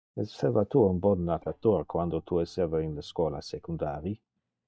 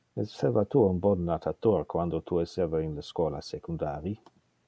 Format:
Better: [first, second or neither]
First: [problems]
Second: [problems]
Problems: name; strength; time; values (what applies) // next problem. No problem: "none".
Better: second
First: noise reduction (neural mask model DeepFilterNet 3)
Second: none